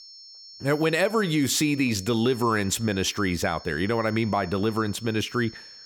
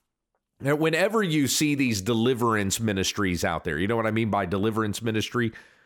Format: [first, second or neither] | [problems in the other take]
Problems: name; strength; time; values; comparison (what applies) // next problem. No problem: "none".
second | high-pitched whine; noticeable; throughout; 5.5 kHz, 20 dB below the speech